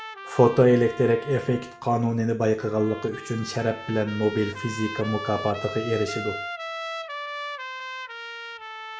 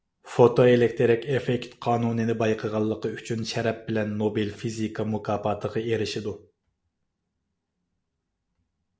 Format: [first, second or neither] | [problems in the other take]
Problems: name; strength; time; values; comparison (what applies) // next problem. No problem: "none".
second | background sound (Trumpet); 11 dB below the speech // room echo; dies away in 0.3 s